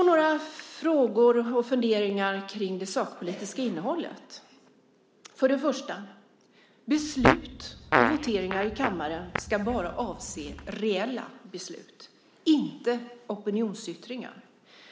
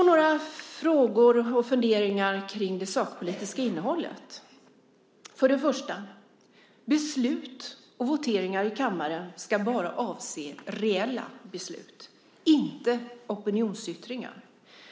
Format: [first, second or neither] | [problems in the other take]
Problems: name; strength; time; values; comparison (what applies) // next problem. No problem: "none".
second | background sound (Fart); 1 dB below the speech